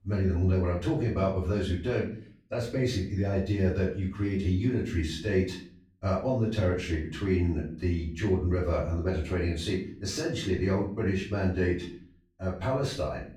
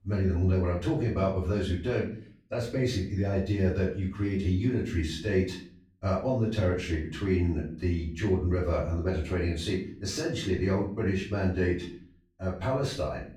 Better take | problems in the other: neither | off-mic speech; far; the same in both // room echo; noticeable; dies away in 0.4 s; the same in both

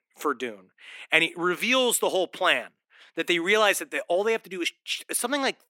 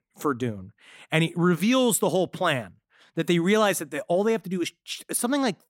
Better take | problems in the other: second | thin; somewhat; fading below 350 Hz

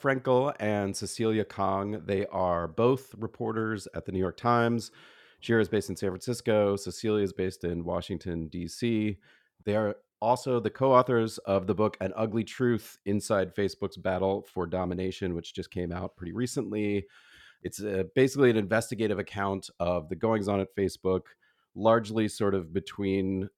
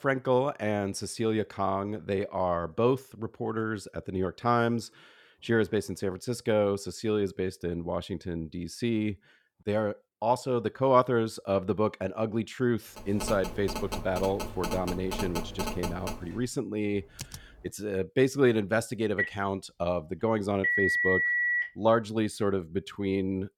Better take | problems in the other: first | phone ringing; noticeable; from 13 to 16 s; peak 5 dB below the speech // keyboard typing; faint; at 17 s; peak 15 dB below the speech // phone ringing; loud; from 19 to 22 s; peak 5 dB above the speech

